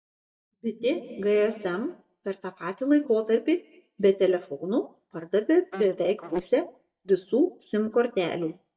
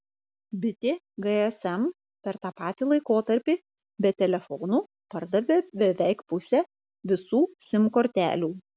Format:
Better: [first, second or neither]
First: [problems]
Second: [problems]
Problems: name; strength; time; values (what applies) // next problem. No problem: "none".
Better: second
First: noise reduction (neural mask model DeepFilterNet 3)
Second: none